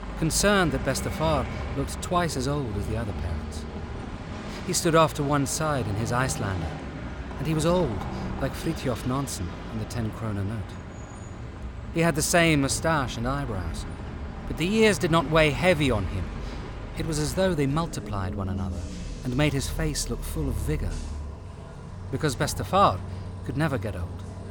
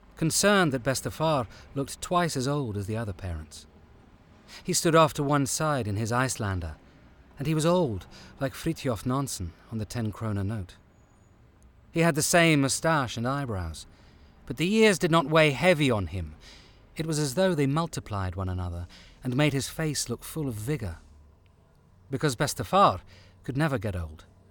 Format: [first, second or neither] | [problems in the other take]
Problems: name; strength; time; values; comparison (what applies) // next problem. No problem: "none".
second | traffic noise; loud; throughout; 10 dB below the speech; faint in the second